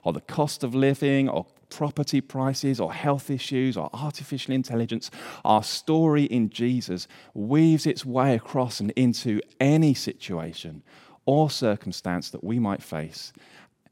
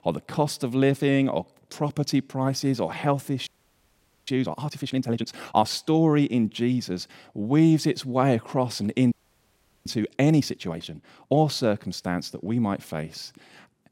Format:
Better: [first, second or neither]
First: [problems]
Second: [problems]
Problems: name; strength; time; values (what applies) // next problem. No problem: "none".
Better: first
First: none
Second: audio freezing; at 3.5 s for 1 s and at 9 s for 0.5 s